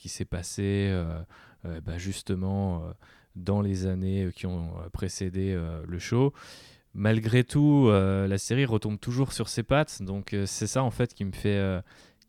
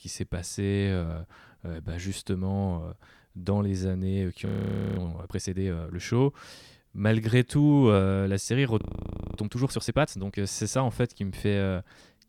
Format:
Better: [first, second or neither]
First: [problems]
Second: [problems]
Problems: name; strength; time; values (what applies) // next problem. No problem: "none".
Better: first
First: none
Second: audio freezing; at 4.5 s for 0.5 s and at 9 s for 0.5 s